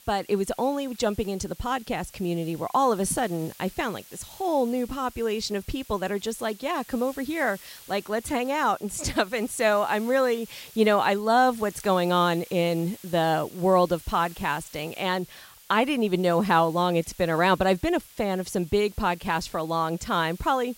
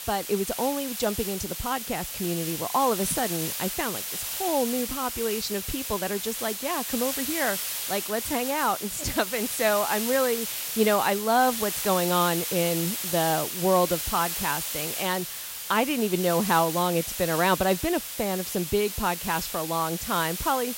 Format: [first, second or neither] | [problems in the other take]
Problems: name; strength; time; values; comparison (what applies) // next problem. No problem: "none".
first | hiss; loud; throughout; 3 dB below the speech; faint in the first